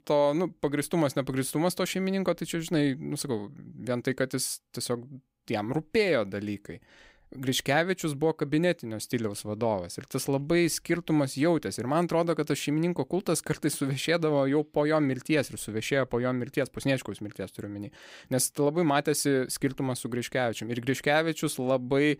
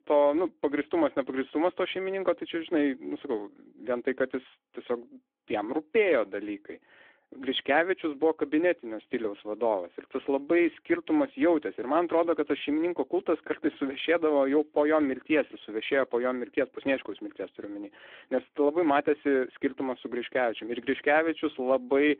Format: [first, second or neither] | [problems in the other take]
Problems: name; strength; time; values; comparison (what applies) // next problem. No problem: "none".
first | phone-call audio; nothing above 3.5 kHz